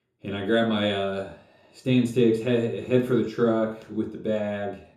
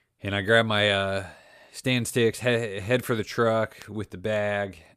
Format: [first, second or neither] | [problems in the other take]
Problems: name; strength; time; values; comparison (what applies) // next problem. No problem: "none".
second | room echo; slight; dies away in 0.6 s // off-mic speech; far